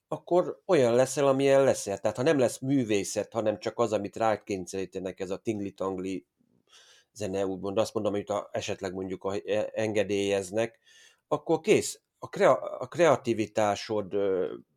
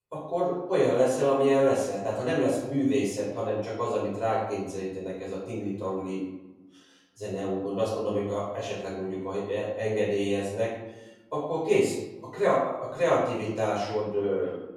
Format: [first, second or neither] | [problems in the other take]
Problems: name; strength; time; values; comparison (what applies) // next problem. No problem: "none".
first | off-mic speech; far // room echo; noticeable; dies away in 0.8 s